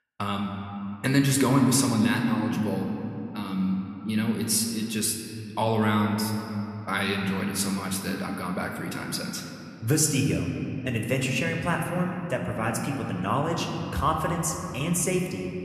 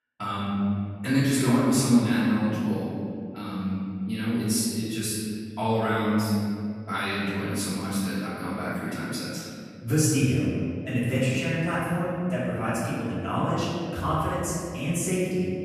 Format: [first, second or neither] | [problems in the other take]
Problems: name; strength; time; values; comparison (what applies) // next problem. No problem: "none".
first | room echo; strong; dies away in 2.4 s; slight in the first // off-mic speech; far